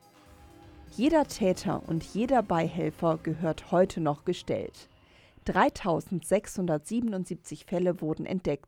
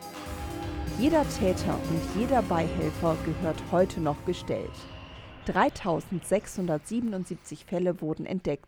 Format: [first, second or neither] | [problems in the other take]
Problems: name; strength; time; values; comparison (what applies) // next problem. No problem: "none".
first | background music; loud; throughout; 7 dB below the speech; faint in the first